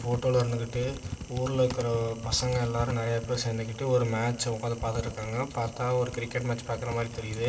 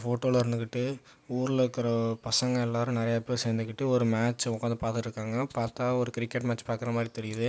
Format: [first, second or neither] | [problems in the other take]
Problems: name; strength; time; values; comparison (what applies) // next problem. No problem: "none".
second | background sound (Typing); 12 dB below the speech // room echo; dies away in 1.8 s